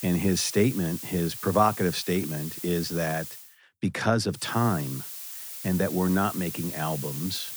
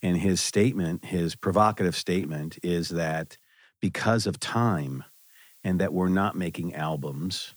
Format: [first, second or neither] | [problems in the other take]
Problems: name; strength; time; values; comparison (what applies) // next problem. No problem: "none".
second | hiss; loud; until 3.5 s and from 4.5 s on; 9 dB below the speech; faint in the second